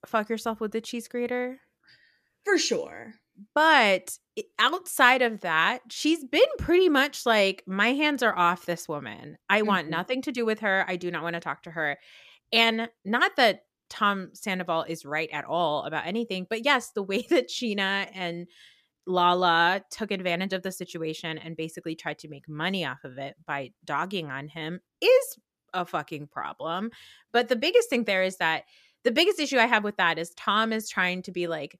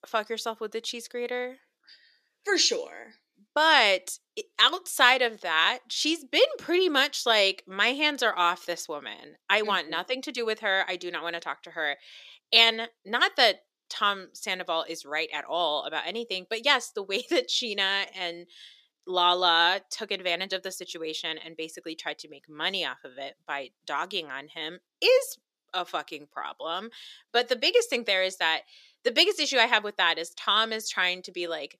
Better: first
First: none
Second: thin; somewhat; fading below 400 Hz

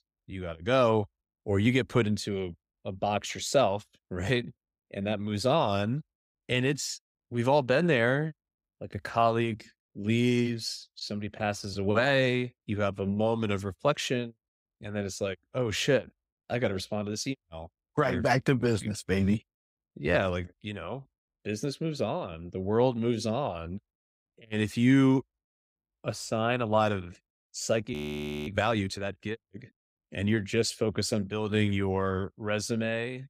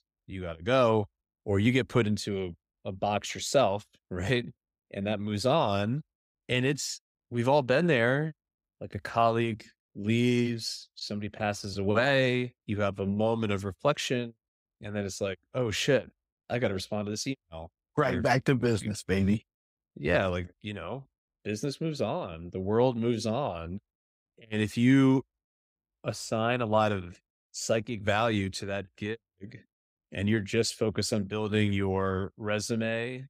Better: second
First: audio freezing; at 28 s for 0.5 s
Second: none

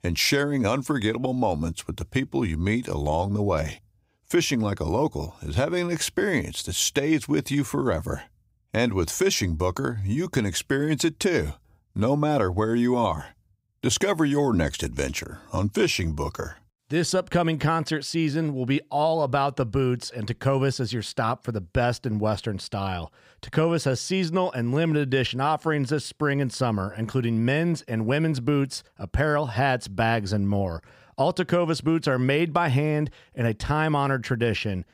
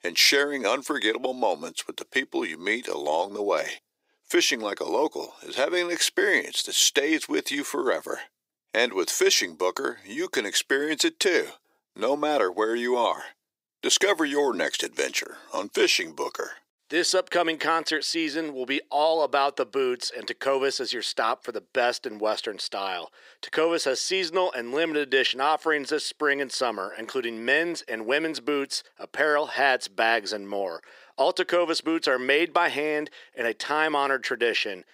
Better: first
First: none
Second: thin; very; fading below 350 Hz

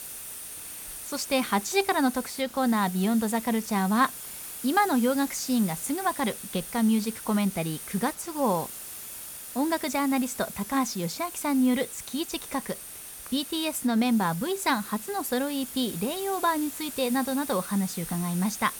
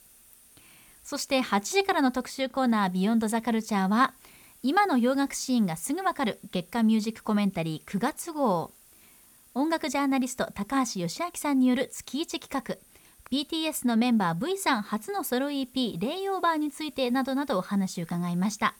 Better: second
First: hiss; loud; throughout; 10 dB below the speech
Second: hiss; faint; throughout; 25 dB below the speech

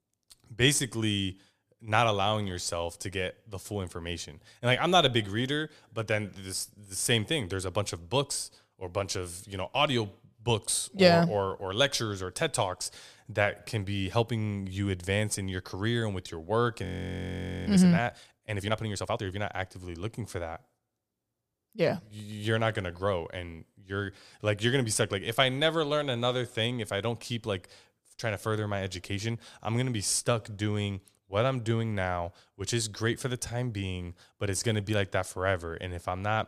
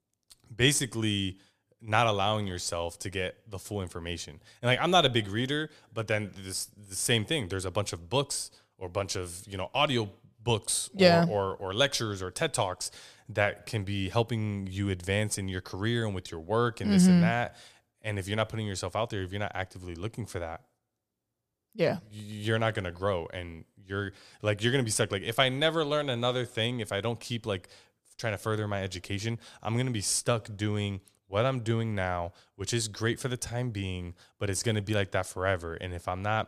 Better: second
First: audio freezing; at 17 s for 1 s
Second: none

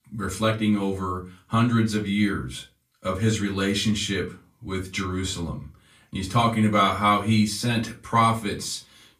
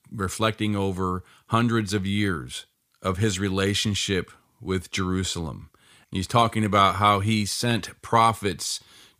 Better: second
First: off-mic speech; far // room echo; very slight; dies away in 0.2 s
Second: none

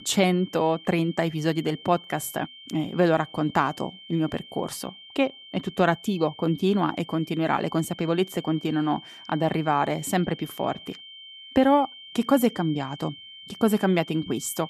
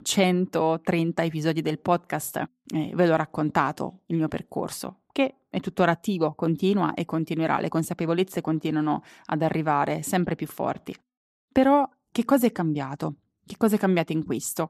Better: second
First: high-pitched whine; noticeable; throughout; 3 kHz, 15 dB below the speech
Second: none

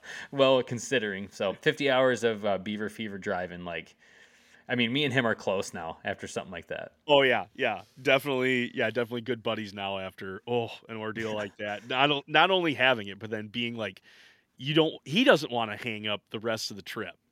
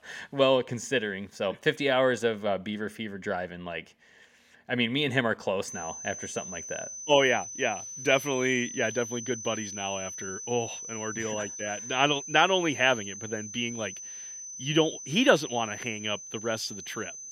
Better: first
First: none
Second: high-pitched whine; loud; from 5.5 s on; 6 kHz, 9 dB below the speech

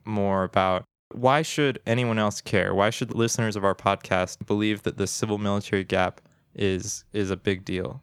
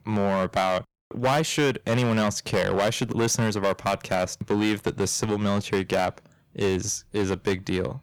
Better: first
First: none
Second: distortion; heavy; 8% of the sound clipped

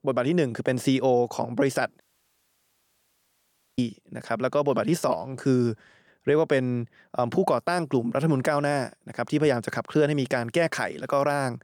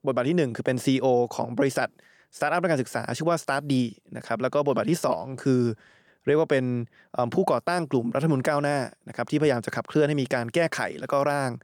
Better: second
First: audio cutting out; at 2 s for 2 s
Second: none

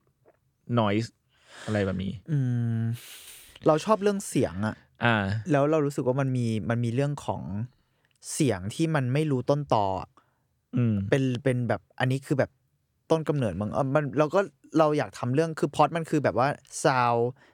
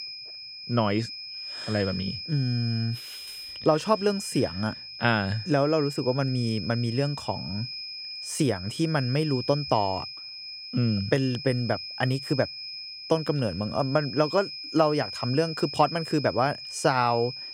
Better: first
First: none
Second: high-pitched whine; loud; throughout; 5 kHz, 9 dB below the speech

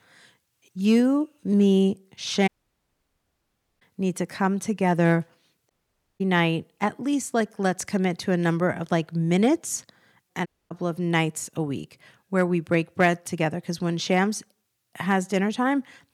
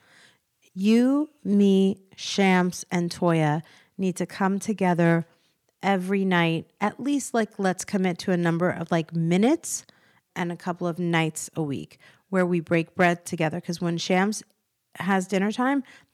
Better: second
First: audio cutting out; at 2.5 s for 1.5 s, at 5.5 s for 0.5 s and at 10 s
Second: none

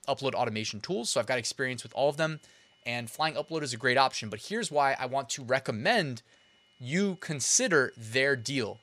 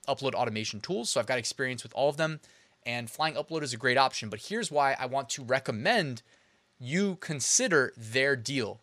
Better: second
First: high-pitched whine; faint; from 1.5 to 5 s and from 6.5 s on; 3 kHz, 35 dB below the speech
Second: none

